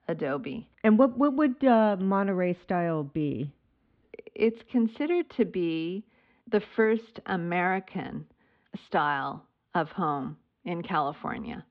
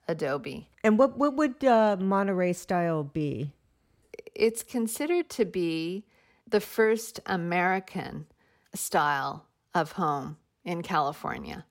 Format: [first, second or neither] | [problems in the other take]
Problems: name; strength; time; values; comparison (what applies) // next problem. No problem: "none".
second | muffled; very; fading above 3.5 kHz